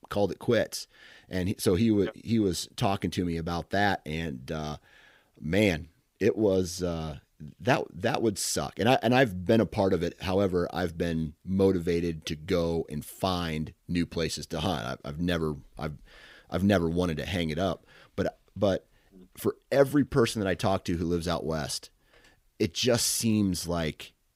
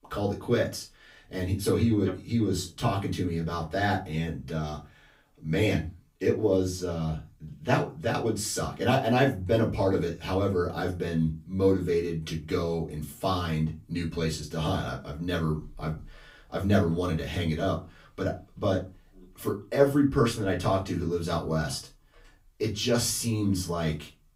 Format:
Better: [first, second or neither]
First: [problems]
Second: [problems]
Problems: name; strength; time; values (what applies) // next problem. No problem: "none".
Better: first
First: none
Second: off-mic speech; far // room echo; very slight; dies away in 0.3 s